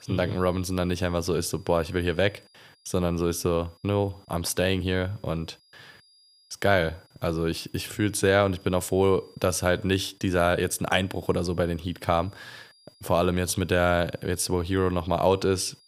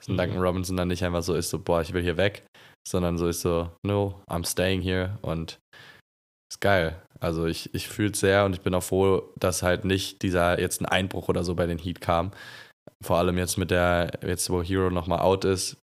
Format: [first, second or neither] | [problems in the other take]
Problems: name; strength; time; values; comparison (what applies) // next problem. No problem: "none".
second | high-pitched whine; faint; throughout; 5 kHz, 30 dB below the speech